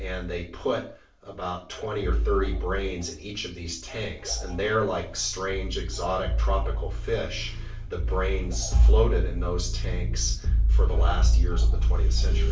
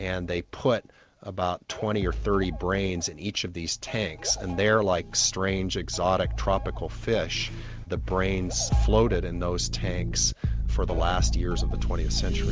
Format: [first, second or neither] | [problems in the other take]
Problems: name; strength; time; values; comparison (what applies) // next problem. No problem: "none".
second | room echo; dies away in 0.4 s